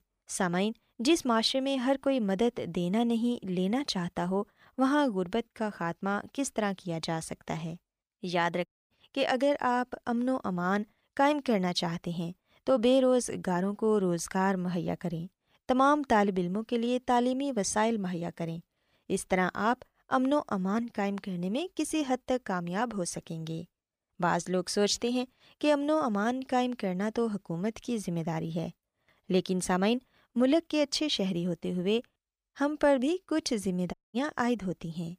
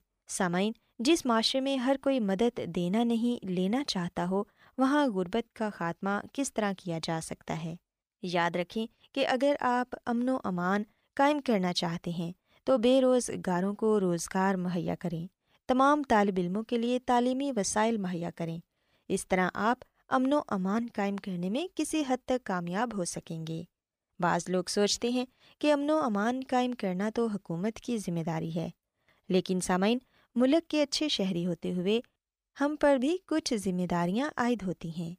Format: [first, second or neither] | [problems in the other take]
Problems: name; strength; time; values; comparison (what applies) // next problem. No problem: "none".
second | audio cutting out; at 8.5 s and at 34 s